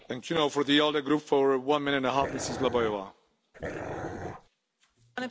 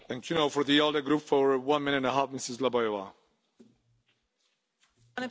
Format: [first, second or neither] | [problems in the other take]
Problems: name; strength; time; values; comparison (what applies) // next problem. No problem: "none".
second | background sound (Dog); 8 dB below the speech